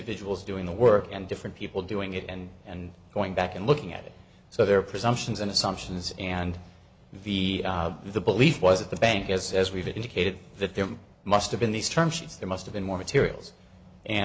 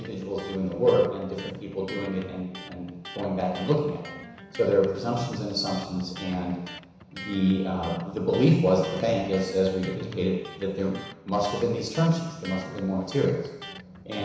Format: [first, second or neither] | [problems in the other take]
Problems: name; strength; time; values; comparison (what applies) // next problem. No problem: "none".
first | background sound (Electric guitar); 17 dB below the speech // room echo; dies away in 1 s